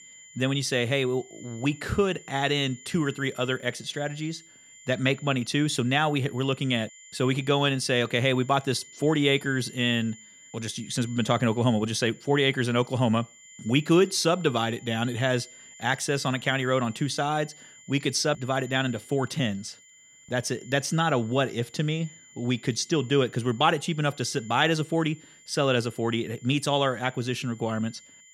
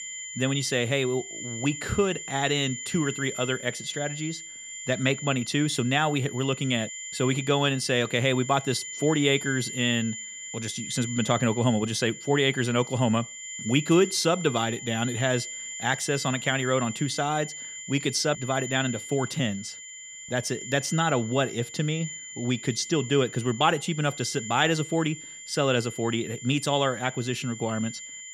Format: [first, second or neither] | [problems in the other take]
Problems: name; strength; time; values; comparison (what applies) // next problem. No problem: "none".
first | high-pitched whine; loud; throughout; 7 kHz, 10 dB below the speech; faint in the first